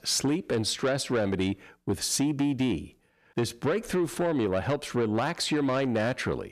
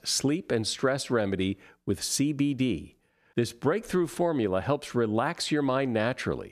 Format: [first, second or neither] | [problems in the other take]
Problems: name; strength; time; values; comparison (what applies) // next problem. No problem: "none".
second | distortion; slight; 10 dB below the speech